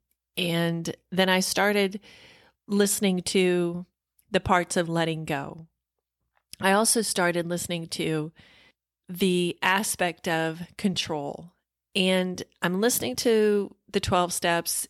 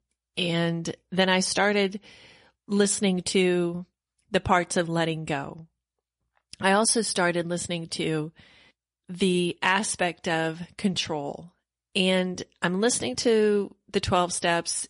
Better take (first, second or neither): first